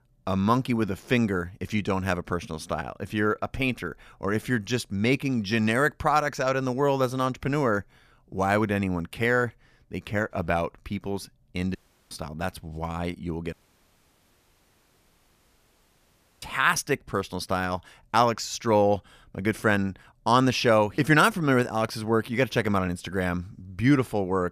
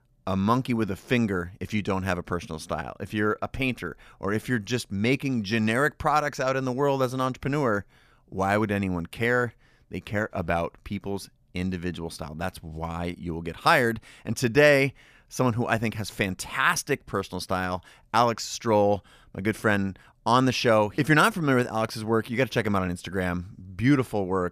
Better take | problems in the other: second | audio cutting out; at 12 s and at 14 s for 3 s

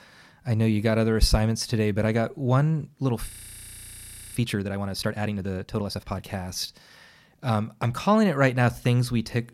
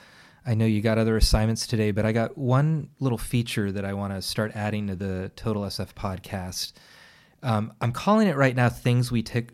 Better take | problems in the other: second | audio freezing; at 3.5 s for 1 s

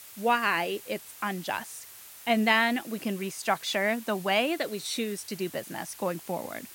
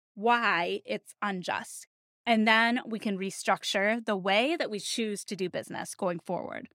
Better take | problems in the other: second | hiss; noticeable; throughout; 15 dB below the speech

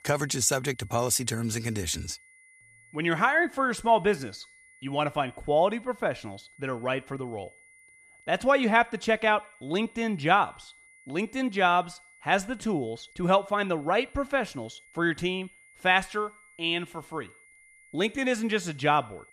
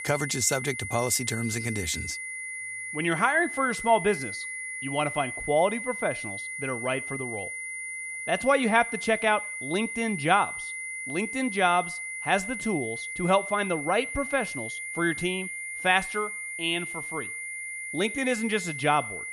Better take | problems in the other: first | high-pitched whine; loud; throughout; 2 kHz, 6 dB below the speech; faint in the first

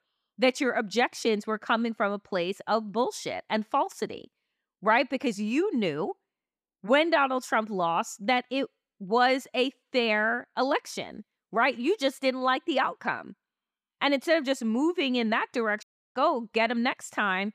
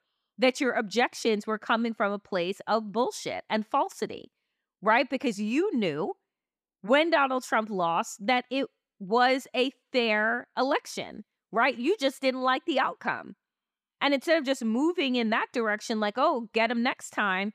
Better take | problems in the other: second | audio cutting out; at 16 s

